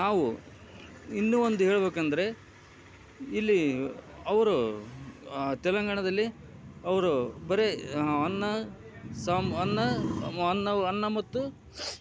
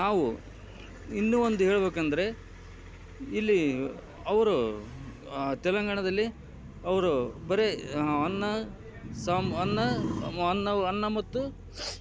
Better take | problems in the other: first | background sound (Vehicle); 19 dB below the speech

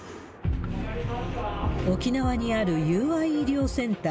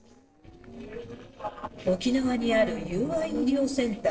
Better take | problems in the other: first | noise reduction (neural separator model SepFormer DNS4)

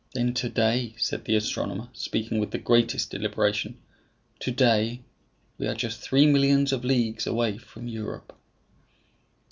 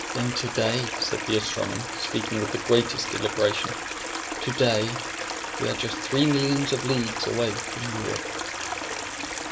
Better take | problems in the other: first | background sound (Stream); 4 dB below the speech // room echo; dies away in 1 s

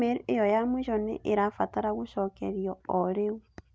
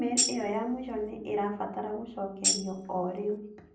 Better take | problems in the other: first | background sound (Tambourine); 2 dB above the speech // room echo; dies away in 0.6 s

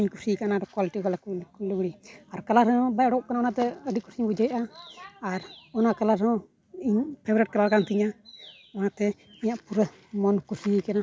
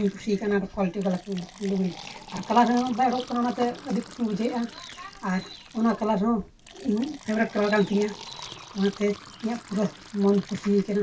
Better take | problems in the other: first | background sound (Fill (with liquid)); 18 dB below the speech // room echo; dies away in 0.1 s

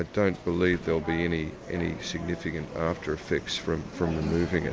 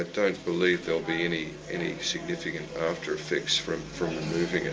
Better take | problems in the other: first | room echo; dies away in 0.2 s

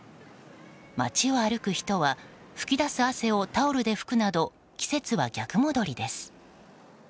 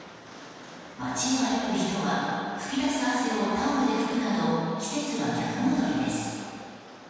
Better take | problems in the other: first | background sound (Rain); 19 dB below the speech // room echo; dies away in 2.1 s

